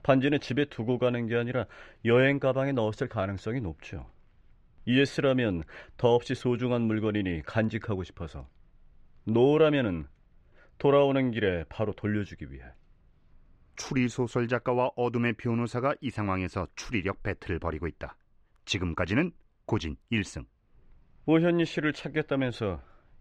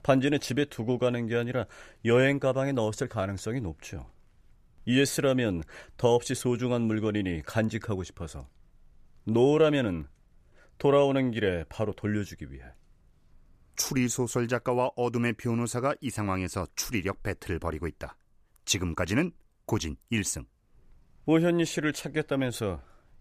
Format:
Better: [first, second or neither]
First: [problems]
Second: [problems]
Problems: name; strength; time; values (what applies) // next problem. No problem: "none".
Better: second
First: muffled; slightly; fading above 3 kHz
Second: none